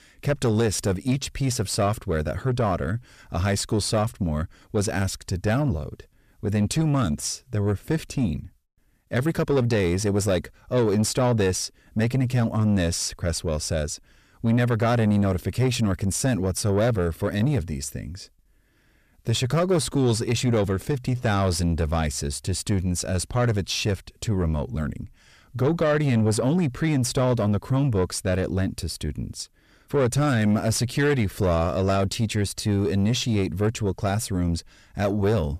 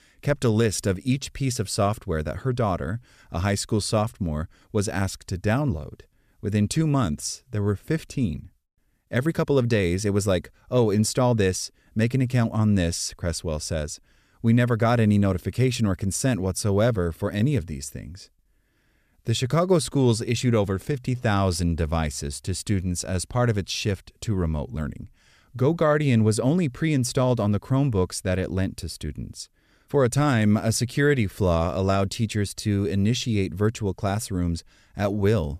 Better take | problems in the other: second | distortion; slight; 10 dB below the speech

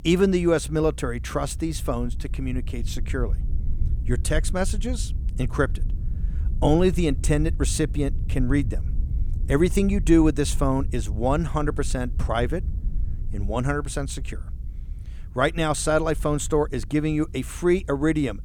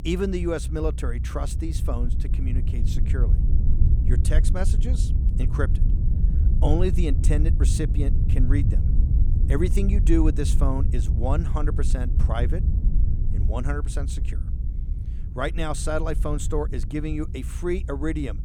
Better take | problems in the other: first | low rumble; loud; throughout; 9 dB below the speech; faint in the first

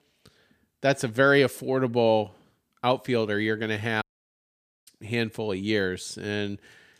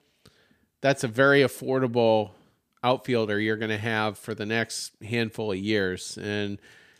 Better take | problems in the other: second | audio cutting out; at 4 s for 1 s

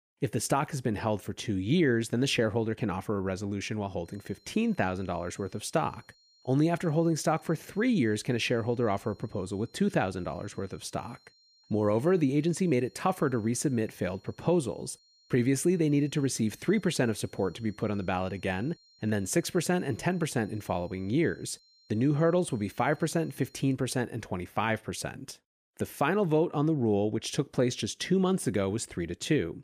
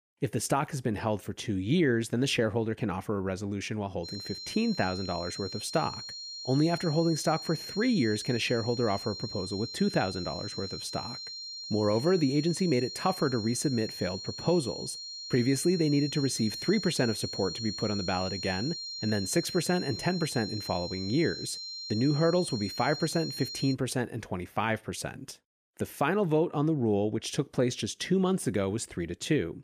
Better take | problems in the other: first | high-pitched whine; loud; from 4 to 24 s; 4 kHz, 7 dB below the speech; faint in the first

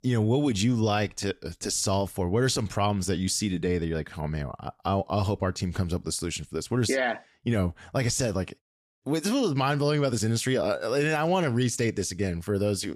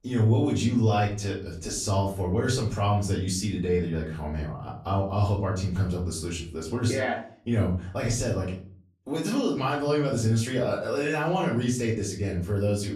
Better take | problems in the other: first | room echo; slight; dies away in 0.4 s // off-mic speech; far

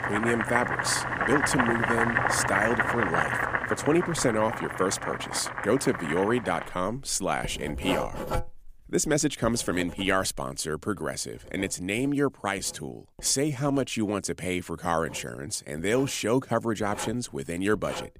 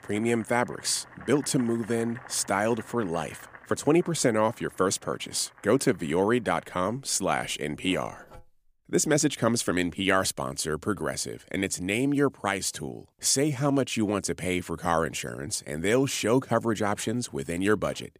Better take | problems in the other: second | household noises; loud; throughout; 1 dB below the speech; faint in the second

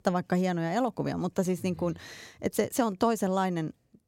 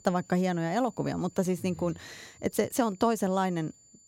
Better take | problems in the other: first | high-pitched whine; faint; throughout; 7 kHz, 25 dB below the speech

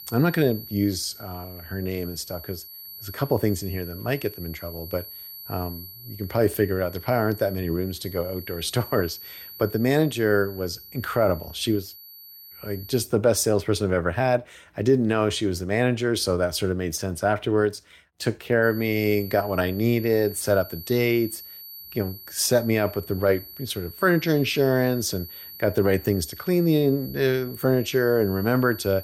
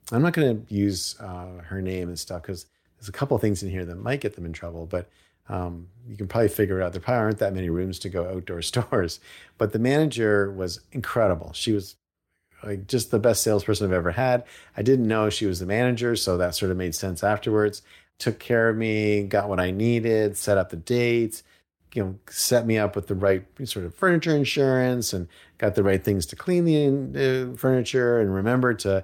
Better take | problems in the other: second | high-pitched whine; noticeable; until 13 s and from 19 s on; 12 kHz, 15 dB below the speech

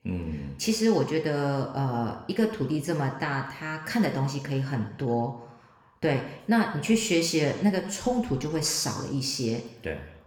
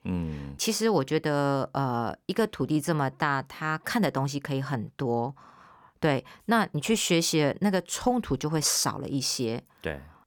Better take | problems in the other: second | room echo; slight; dies away in 0.8 s

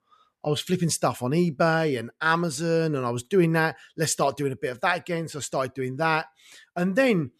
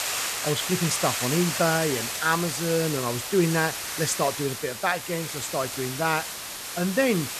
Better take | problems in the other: first | hiss; loud; throughout; 3 dB below the speech

